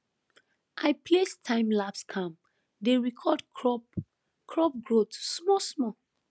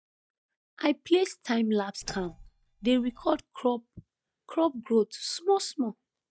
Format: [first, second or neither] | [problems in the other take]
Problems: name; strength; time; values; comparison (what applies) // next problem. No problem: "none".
first | noise reduction (neural mask model DeepFilterNet 3)